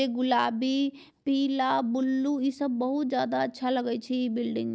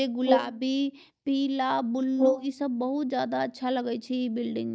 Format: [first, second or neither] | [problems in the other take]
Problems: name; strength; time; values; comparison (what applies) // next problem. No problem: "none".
first | noise reduction (neural mask model DeepFilterNet 3)